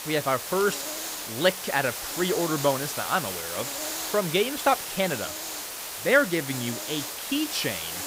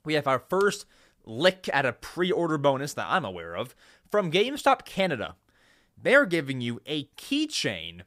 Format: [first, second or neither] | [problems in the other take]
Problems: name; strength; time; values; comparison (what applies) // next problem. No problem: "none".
second | hiss; loud; throughout; 5 dB below the speech